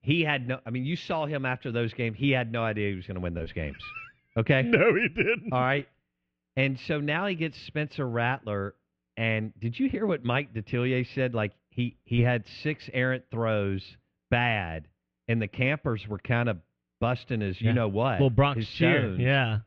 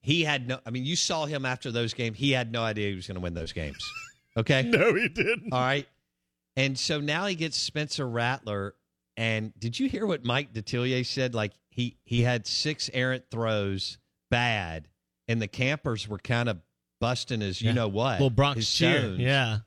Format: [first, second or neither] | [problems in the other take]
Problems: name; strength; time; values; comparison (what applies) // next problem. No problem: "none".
second | muffled; very; fading above 2.5 kHz